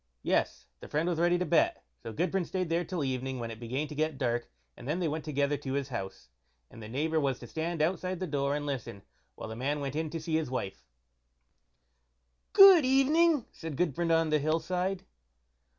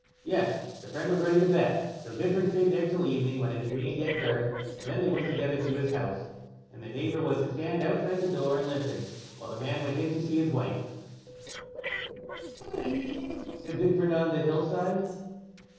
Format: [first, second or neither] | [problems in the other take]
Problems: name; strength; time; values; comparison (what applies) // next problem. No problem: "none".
first | noise reduction (neural separator model SepFormer DNS4)